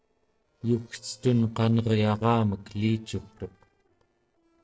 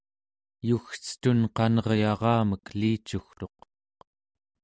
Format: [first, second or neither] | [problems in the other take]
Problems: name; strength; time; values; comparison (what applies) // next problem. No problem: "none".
second | noise reduction (neural separator model SepFormer DNS4)